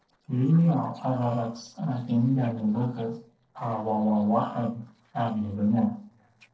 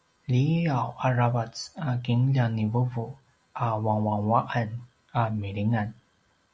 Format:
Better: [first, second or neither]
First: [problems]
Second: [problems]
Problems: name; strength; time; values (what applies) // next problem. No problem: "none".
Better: second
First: noise reduction (neural separator model SepFormer DNS4)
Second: none